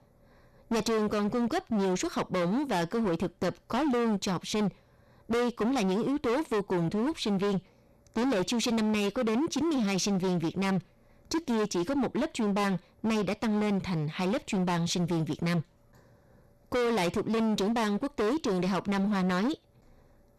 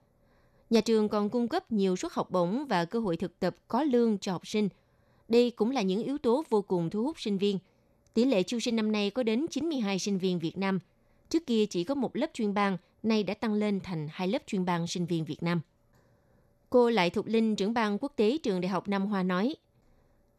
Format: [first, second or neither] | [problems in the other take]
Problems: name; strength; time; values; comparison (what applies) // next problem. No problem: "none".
second | distortion; heavy; 28% of the sound clipped